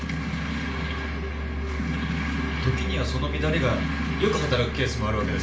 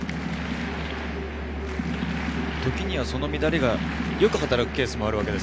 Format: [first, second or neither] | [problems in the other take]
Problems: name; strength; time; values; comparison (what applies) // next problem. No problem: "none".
second | room echo; dies away in 0.4 s